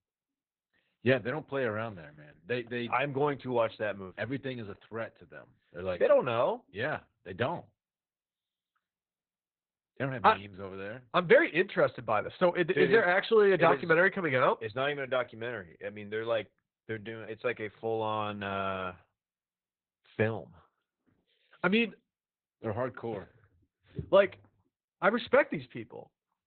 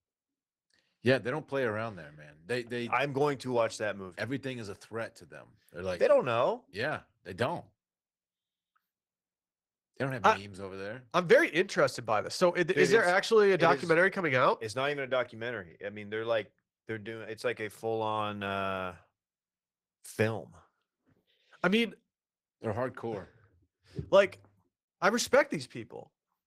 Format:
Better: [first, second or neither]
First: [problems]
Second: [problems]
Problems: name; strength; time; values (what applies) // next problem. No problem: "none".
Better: second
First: garbled, watery; badly; nothing above 4 kHz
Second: garbled, watery; slightly; nothing above 15.5 kHz